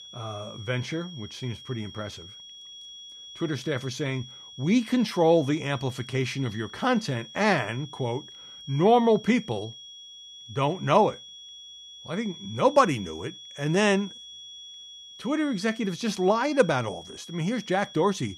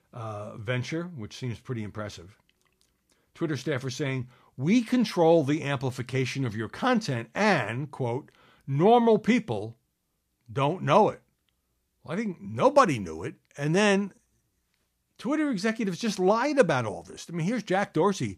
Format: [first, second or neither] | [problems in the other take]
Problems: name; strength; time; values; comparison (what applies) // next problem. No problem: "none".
second | high-pitched whine; noticeable; throughout; 3.5 kHz, 15 dB below the speech